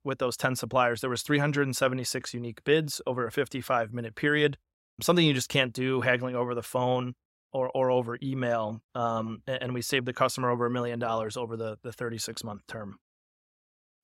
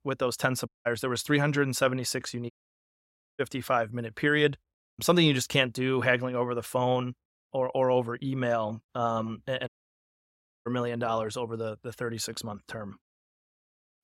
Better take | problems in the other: first | audio cutting out; at 0.5 s, at 2.5 s for 1 s and at 9.5 s for 1 s

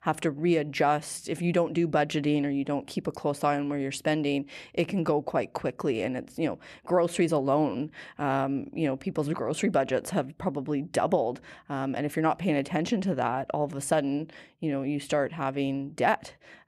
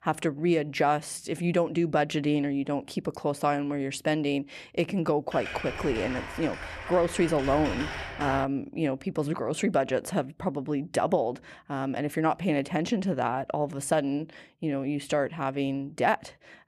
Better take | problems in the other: first | keyboard typing; noticeable; from 5.5 to 8.5 s; peak 5 dB below the speech

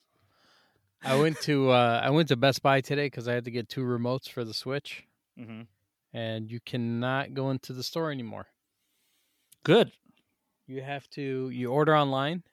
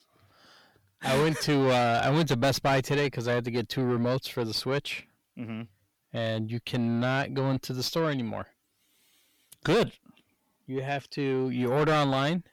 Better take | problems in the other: first | distortion; heavy; 5 dB below the speech

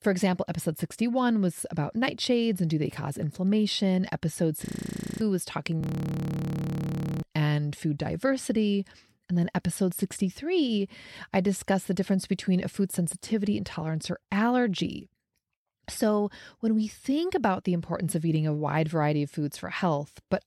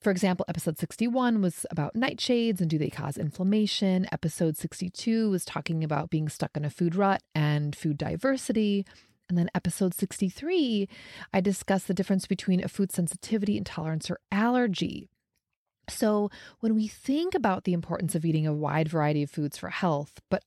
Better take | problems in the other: second | audio freezing; at 4.5 s for 0.5 s and at 6 s for 1.5 s

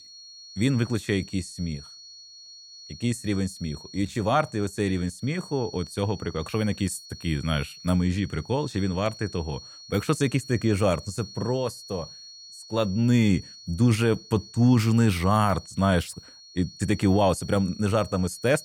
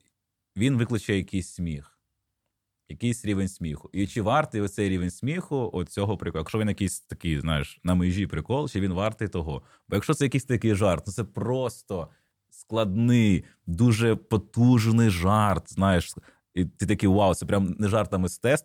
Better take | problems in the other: second | high-pitched whine; noticeable; throughout; 4.5 kHz, 15 dB below the speech

